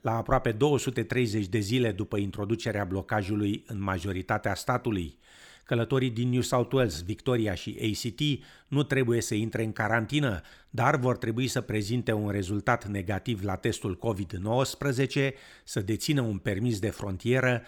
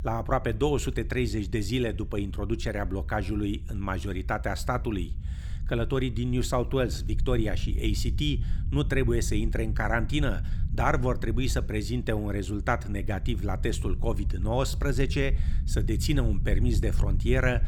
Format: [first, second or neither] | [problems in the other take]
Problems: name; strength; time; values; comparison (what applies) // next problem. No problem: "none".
first | low rumble; noticeable; throughout; 20 dB below the speech